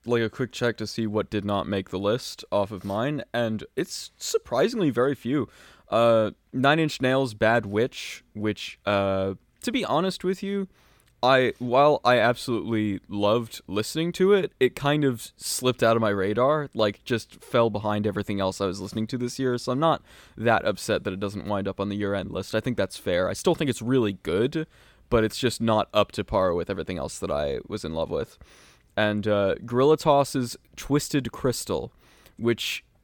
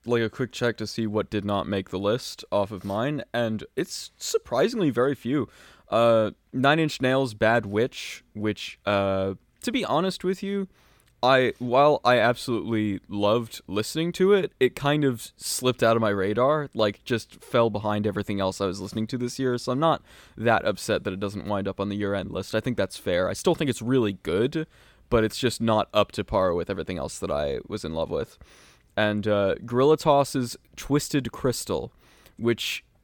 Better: neither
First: none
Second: none

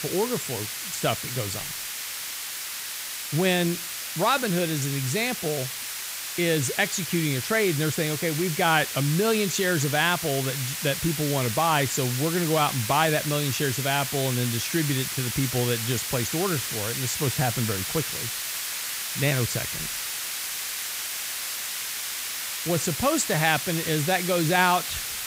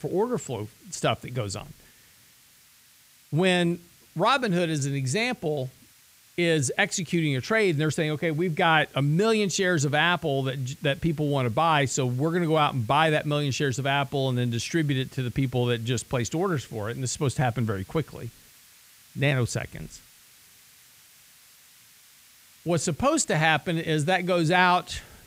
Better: second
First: hiss; loud; throughout; 4 dB below the speech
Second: hiss; faint; throughout; 25 dB below the speech

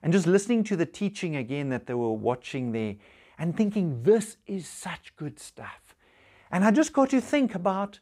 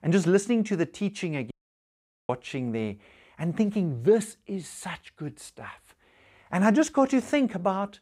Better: first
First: none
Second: audio cutting out; at 1.5 s for 1 s

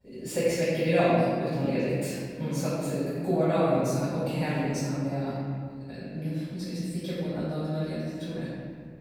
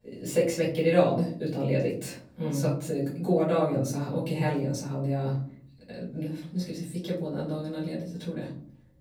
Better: second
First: room echo; strong; dies away in 1.8 s // off-mic speech; far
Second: room echo; slight; dies away in 0.6 s // off-mic speech; far

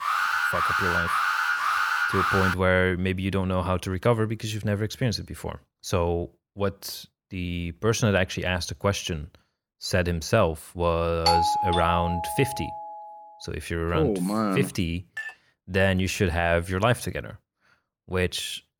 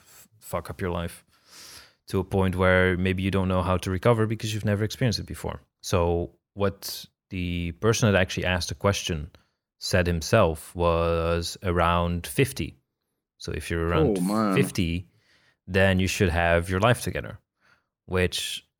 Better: second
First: alarm; loud; until 2.5 s; peak 3 dB above the speech // doorbell; loud; from 11 to 13 s; peak 5 dB above the speech // clattering dishes; noticeable; at 15 s; peak 10 dB below the speech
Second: none

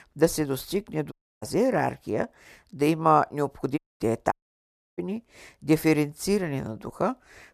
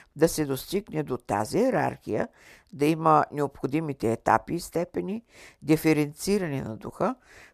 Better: second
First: audio cutting out; at 1 s, at 4 s and at 4.5 s for 0.5 s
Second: none

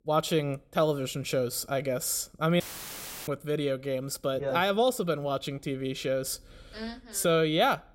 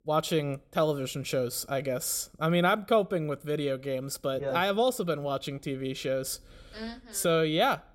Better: second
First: audio cutting out; filled with static; at 2.5 s for 0.5 s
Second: none

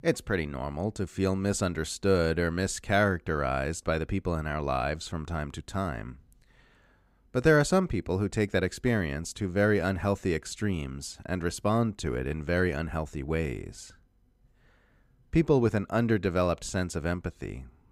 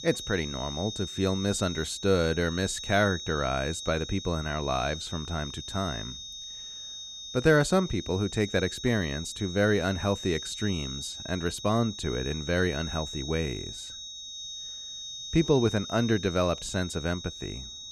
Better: first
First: none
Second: high-pitched whine; loud; throughout; 4 kHz, 9 dB below the speech

